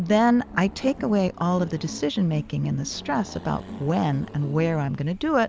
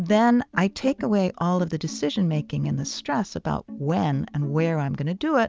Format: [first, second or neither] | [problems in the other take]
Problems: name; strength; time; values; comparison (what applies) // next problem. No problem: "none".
second | background sound (Accelerating, revving, vroom); 19 dB below the speech